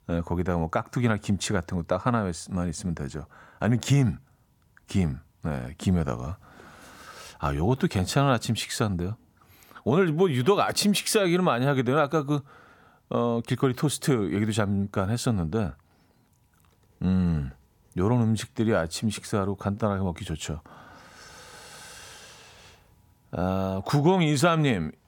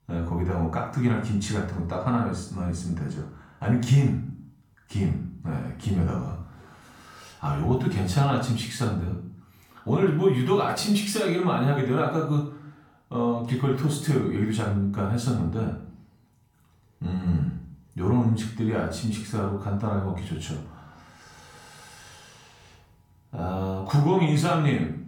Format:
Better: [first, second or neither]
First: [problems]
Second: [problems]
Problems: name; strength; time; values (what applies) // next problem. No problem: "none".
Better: first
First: none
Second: off-mic speech; far // room echo; noticeable; dies away in 0.5 s